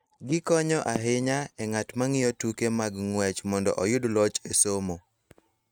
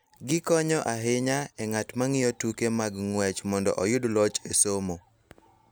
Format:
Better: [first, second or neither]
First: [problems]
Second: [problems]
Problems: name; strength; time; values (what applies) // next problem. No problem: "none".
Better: second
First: noise reduction (neural mask model RNNoise)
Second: none